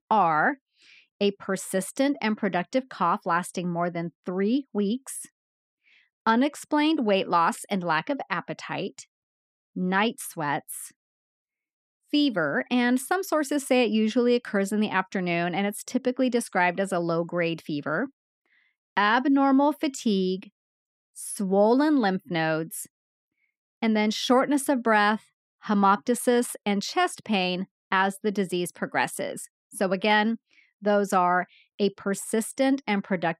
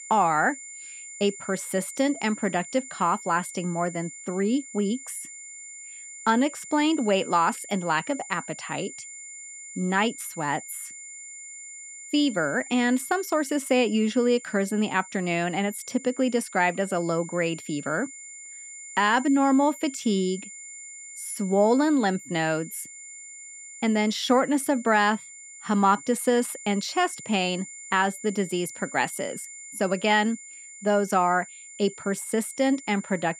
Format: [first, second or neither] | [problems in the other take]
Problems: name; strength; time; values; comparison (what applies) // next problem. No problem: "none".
first | high-pitched whine; noticeable; throughout; 7 kHz, 15 dB below the speech